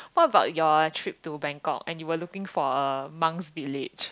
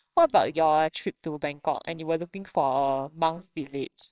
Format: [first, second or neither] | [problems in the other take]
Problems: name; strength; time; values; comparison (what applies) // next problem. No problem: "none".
first | noise reduction (neural separator model SepFormer WHAMR!)